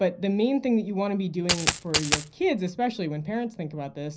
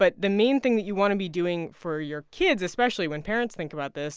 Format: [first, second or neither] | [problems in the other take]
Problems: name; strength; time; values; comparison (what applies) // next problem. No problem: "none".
second | background sound (Coin (dropping)); 1 dB above the speech // room echo; dies away in 0.4 s